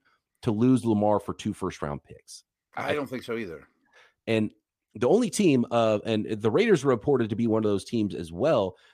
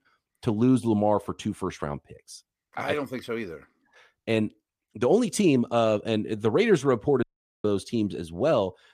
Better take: first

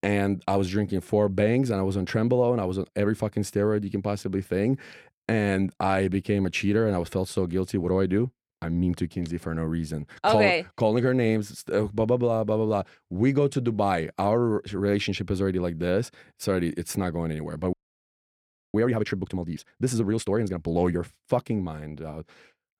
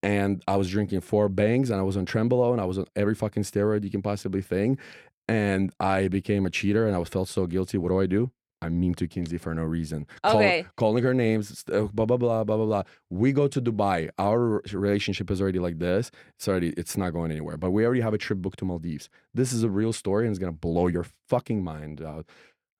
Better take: second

